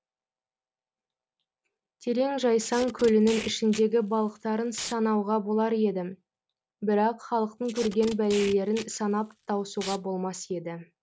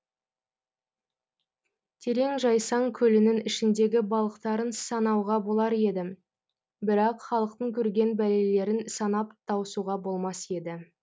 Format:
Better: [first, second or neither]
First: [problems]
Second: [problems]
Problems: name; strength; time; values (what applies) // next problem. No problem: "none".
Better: second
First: background sound (Packing tape, duct tape); 15 dB below the speech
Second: none